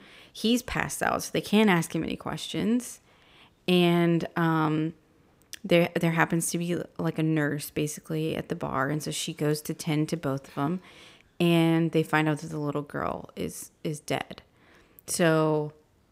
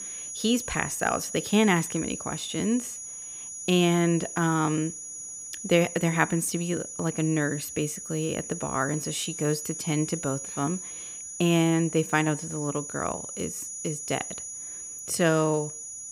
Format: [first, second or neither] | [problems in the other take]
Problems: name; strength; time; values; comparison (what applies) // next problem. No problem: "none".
first | high-pitched whine; loud; throughout; 6.5 kHz, 8 dB below the speech